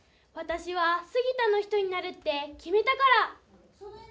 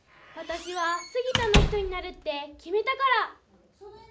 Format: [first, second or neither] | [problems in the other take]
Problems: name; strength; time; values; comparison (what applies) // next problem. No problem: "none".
first | background sound (Squeak / Slam); 1 dB above the speech